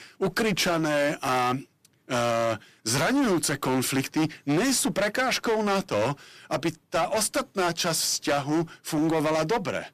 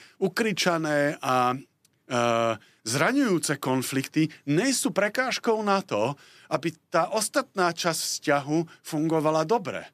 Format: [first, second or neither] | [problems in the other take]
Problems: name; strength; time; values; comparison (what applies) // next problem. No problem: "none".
second | distortion; heavy; 17% of the sound clipped